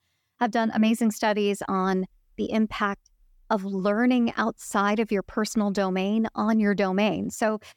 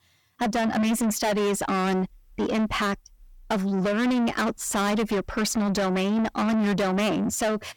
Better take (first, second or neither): first